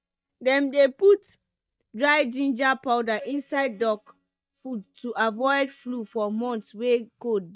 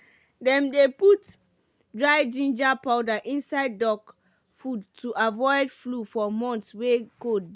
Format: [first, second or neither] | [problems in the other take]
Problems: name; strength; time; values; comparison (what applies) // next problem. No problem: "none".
second | noise reduction (neural mask model DeepFilterNet 3)